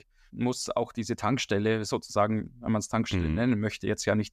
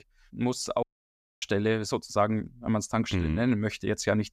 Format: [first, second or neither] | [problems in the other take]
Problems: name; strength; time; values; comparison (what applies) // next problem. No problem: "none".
first | audio cutting out; at 1 s for 0.5 s